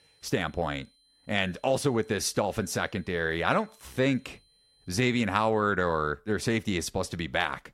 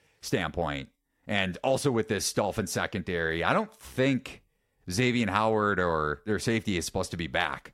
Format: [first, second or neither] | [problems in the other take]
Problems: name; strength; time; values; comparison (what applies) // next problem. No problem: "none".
second | high-pitched whine; faint; until 5 s; 4 kHz, 35 dB below the speech